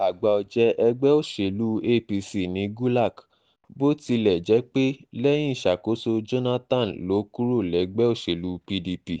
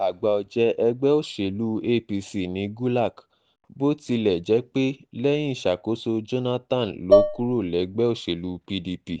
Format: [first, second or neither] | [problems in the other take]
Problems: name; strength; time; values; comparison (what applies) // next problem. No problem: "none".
first | background sound (Dishes, pots, and pans); 4 dB above the speech